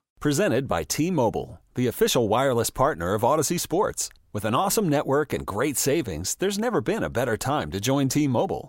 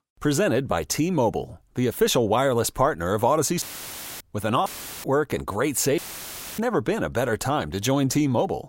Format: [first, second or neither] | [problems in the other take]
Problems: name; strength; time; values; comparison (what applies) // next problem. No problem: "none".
first | audio cutting out; filled with static; at 3.5 s for 0.5 s, at 4.5 s and at 6 s for 0.5 s